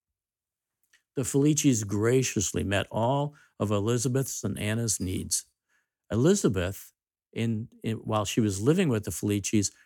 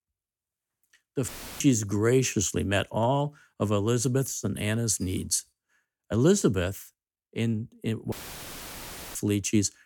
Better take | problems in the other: first | audio cutting out; filled with static; at 1.5 s and at 8 s for 1 s

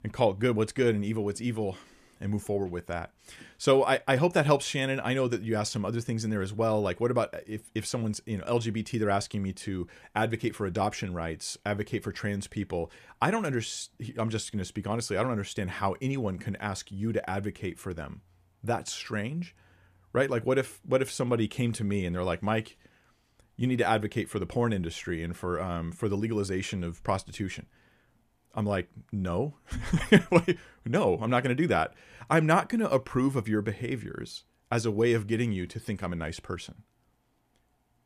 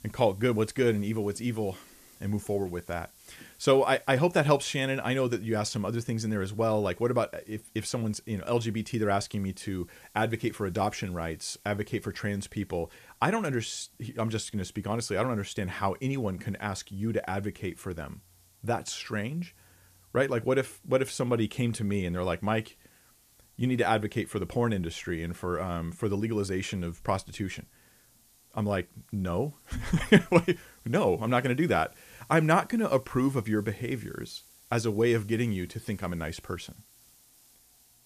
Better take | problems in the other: first | hiss; faint; throughout; 25 dB below the speech

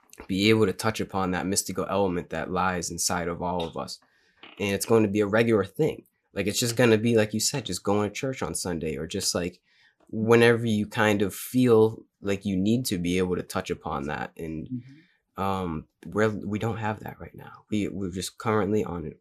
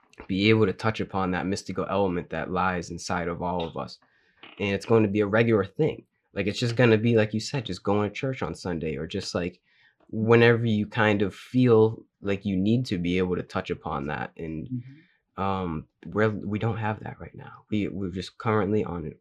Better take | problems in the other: first | muffled; slightly; fading above 3 kHz

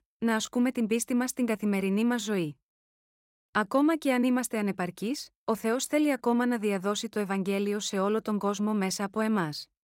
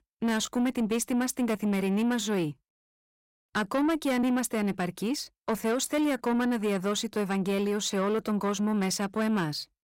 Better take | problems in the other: first | distortion; slight; 10 dB below the speech

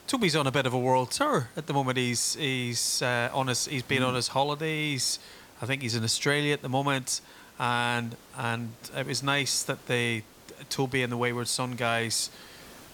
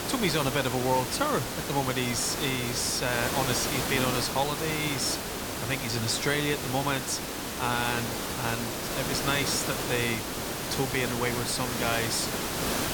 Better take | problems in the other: first | hiss; loud; throughout; 2 dB below the speech; faint in the first

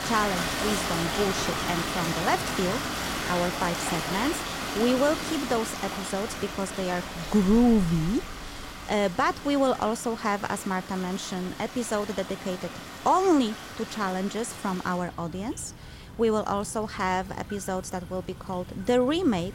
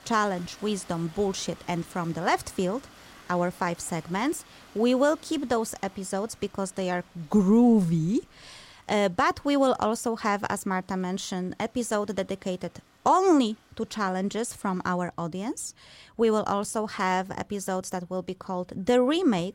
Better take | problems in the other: second | rain or running water; loud; throughout; 5 dB below the speech; faint in the second

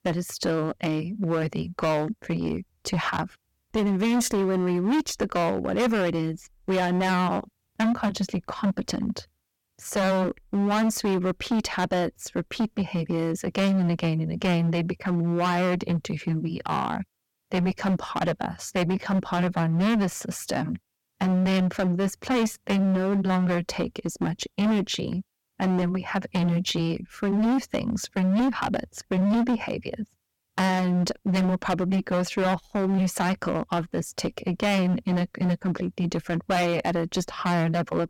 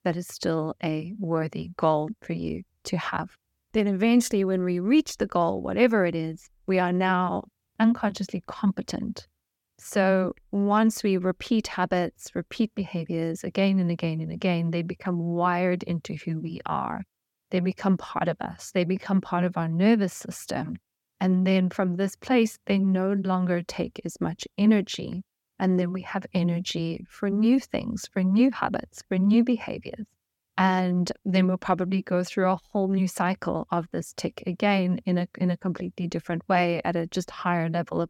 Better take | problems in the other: second | distortion; heavy; 17% of the sound clipped

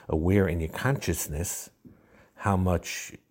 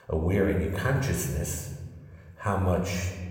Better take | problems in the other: first | room echo; slight; dies away in 1.2 s

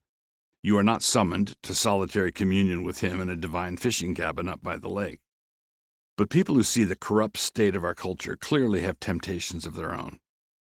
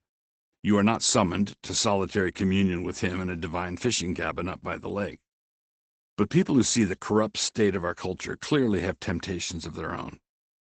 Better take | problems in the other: first | garbled, watery; badly; nothing above 8 kHz; slightly in the first

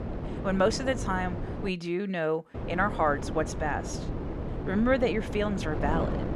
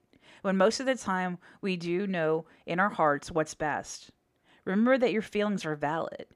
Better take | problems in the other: second | wind noise on the microphone; heavy; until 1.5 s and from 2.5 s on; 10 dB below the speech

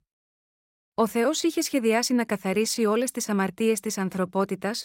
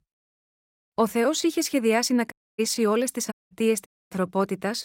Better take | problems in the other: first | audio cutting out; at 2.5 s, at 3.5 s and at 4 s

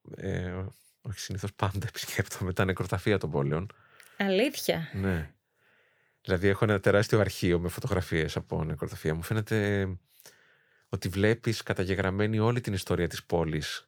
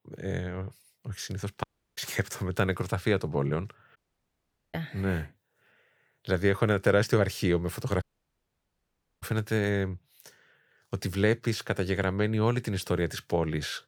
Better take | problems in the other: first | audio cutting out; at 1.5 s, at 4 s for 1 s and at 8 s for 1 s

